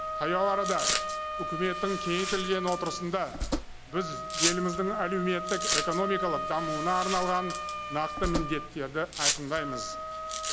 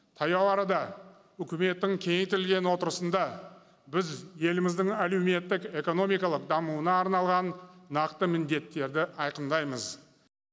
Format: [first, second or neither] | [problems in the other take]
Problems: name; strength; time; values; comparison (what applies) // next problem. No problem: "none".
second | background sound (Domestic sounds, home sounds + Wind instrument, woodwind instrument); 1 dB below the speech